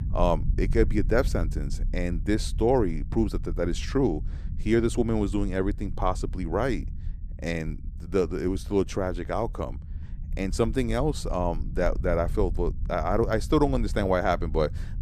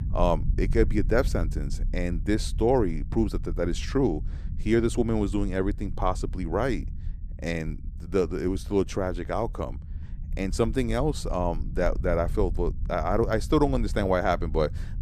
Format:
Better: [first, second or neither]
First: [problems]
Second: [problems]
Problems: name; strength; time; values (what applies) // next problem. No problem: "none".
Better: neither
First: low rumble; faint; throughout; 20 dB below the speech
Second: low rumble; faint; throughout; 20 dB below the speech